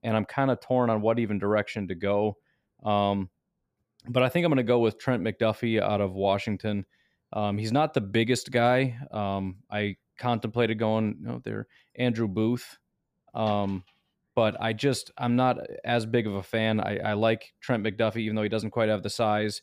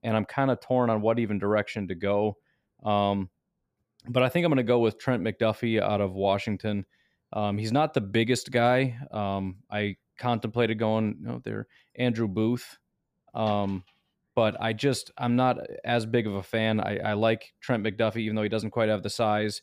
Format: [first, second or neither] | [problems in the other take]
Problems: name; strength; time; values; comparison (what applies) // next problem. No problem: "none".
neither | none